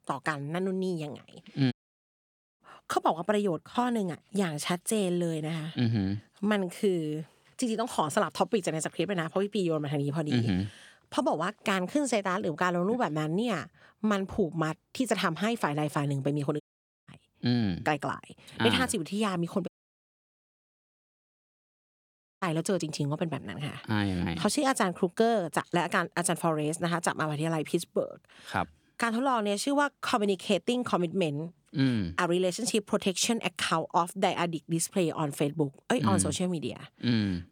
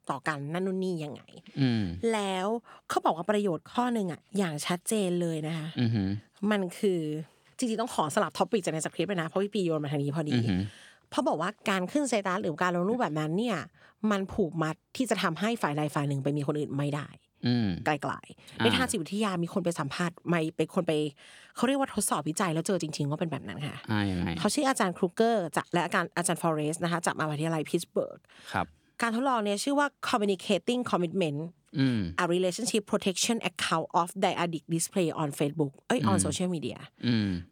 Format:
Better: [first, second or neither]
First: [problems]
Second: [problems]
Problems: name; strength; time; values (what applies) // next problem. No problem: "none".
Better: second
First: audio cutting out; at 1.5 s for 1 s, at 17 s and at 20 s for 2.5 s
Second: none